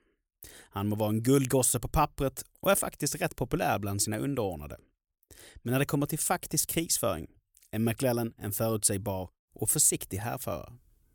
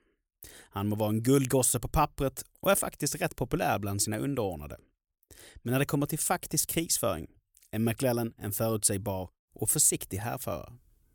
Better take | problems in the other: neither | none

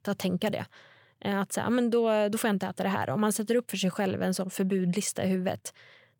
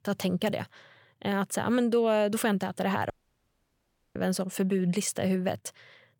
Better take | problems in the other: first | audio cutting out; at 3 s for 1 s

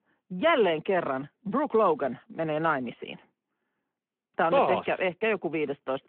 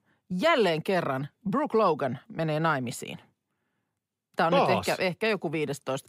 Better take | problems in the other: second | phone-call audio

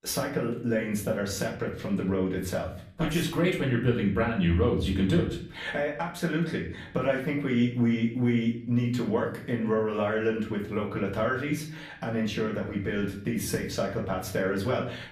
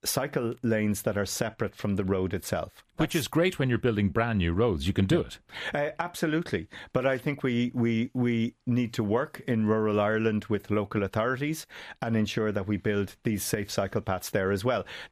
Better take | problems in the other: second | off-mic speech; far // room echo; slight; dies away in 0.5 s

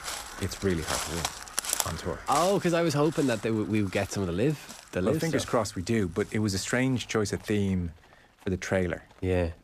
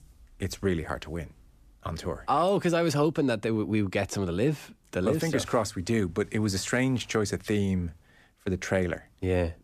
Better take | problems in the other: second | animal sounds; loud; throughout; 6 dB below the speech

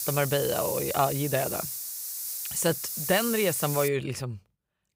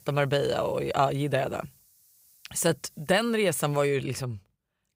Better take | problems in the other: second | hiss; loud; until 4 s; 4 dB below the speech; faint in the second

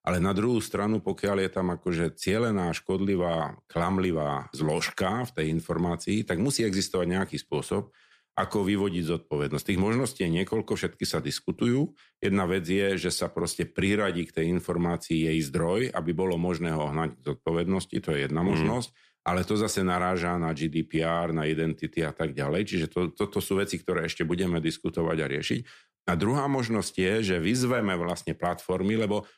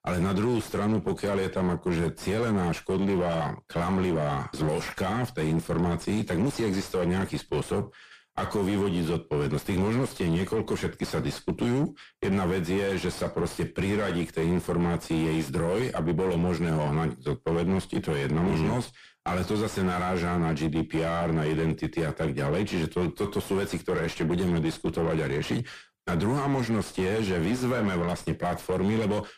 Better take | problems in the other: first | distortion; heavy; 6 dB below the speech

